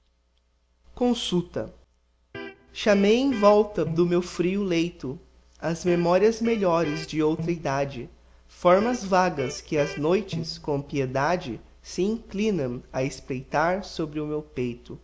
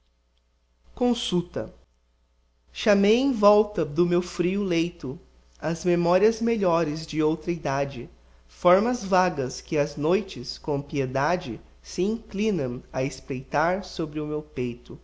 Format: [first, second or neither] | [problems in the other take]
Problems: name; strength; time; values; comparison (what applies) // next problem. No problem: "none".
second | background sound (Electric guitar); 13 dB below the speech